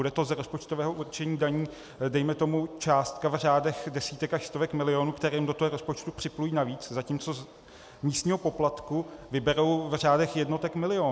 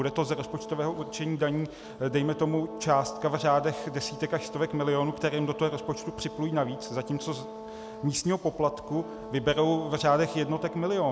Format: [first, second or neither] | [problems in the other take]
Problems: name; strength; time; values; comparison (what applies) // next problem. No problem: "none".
first | background sound (Brass instrument); 13 dB below the speech